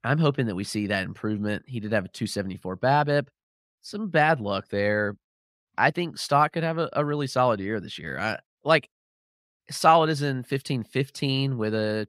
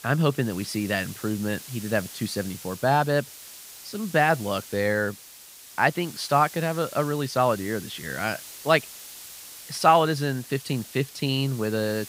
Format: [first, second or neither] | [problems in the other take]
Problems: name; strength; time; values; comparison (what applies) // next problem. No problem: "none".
first | hiss; noticeable; throughout; 15 dB below the speech